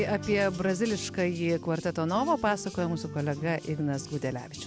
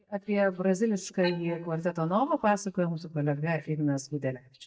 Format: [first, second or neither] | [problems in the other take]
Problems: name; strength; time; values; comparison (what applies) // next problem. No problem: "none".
first | noise reduction (neural mask model DeepFilterNet 3)